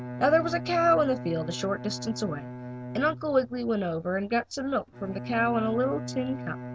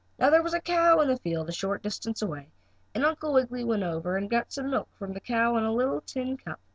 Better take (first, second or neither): second